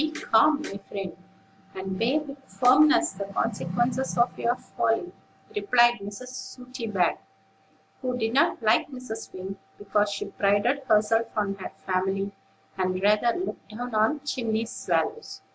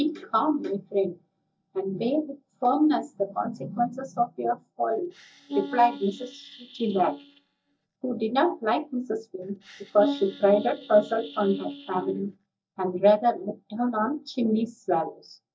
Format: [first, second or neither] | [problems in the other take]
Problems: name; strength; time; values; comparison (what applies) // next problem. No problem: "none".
first | noise reduction (neural mask model DeepFilterNet 3)